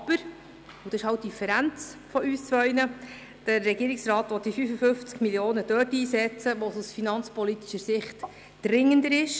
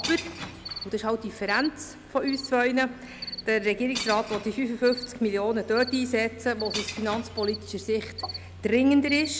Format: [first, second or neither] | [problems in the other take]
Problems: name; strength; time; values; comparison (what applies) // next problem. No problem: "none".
first | background sound (Cricket + Shatter / Crushing); 12 dB below the speech